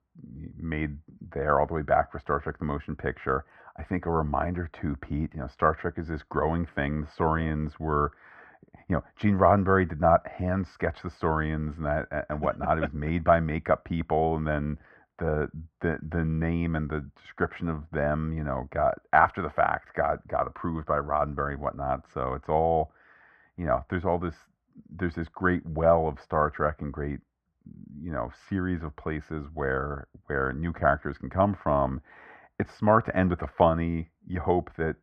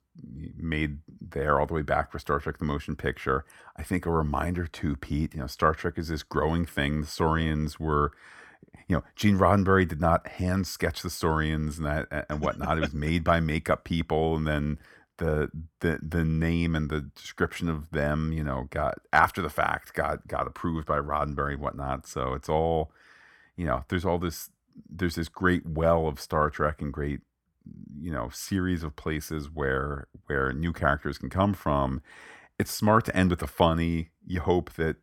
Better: second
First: muffled; very; fading above 1.5 kHz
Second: none

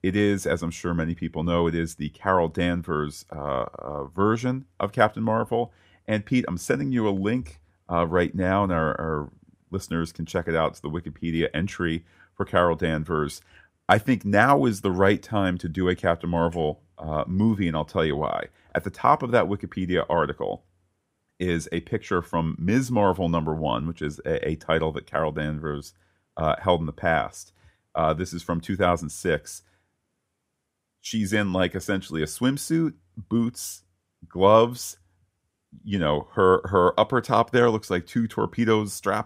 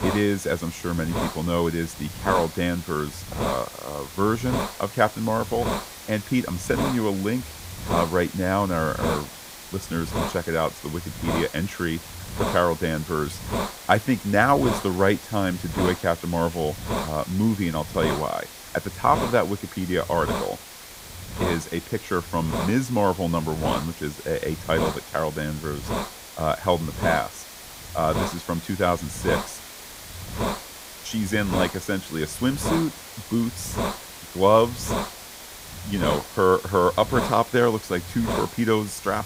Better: first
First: none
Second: hiss; loud; throughout; 7 dB below the speech

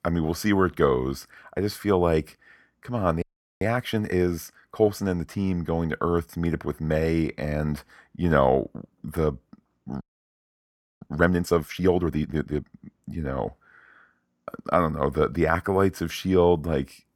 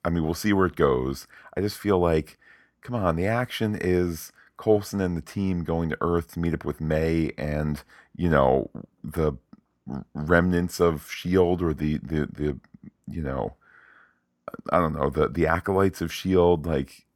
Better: second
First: audio freezing; at 3 s and at 10 s for 1 s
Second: none

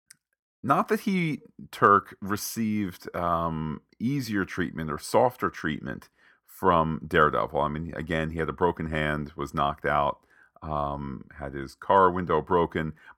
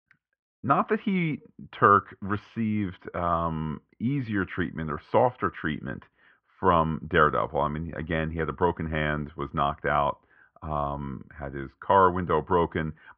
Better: first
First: none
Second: muffled; very; fading above 3 kHz

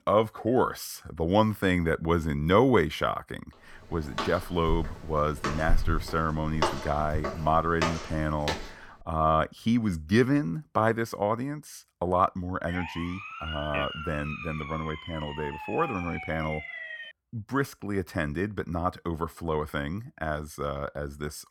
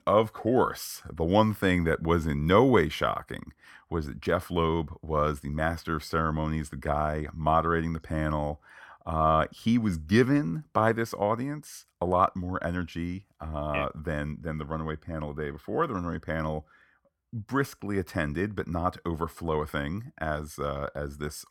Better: second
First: footsteps; noticeable; from 4 to 8.5 s; peak 1 dB below the speech // siren; noticeable; from 13 to 17 s; peak 7 dB below the speech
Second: none

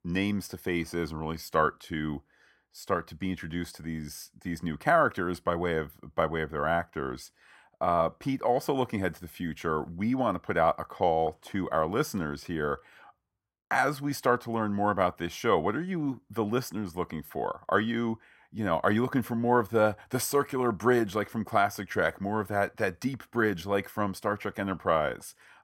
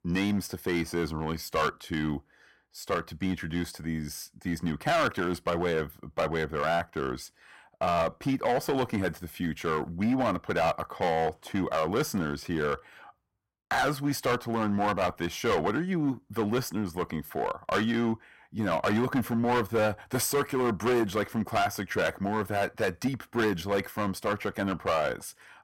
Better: first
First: none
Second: distortion; heavy; 8% of the sound clipped

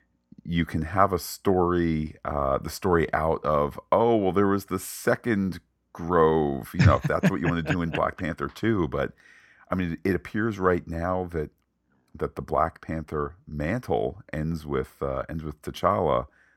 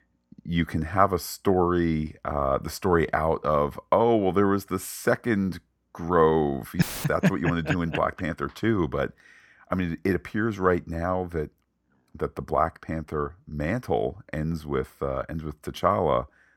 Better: first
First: none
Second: audio cutting out; filled with static; at 7 s

